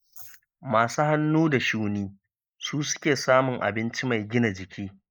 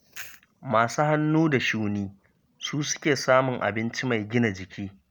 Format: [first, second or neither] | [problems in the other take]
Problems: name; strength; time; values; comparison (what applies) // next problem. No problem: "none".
second | noise reduction (neural mask model Resemble Enhance denoiser)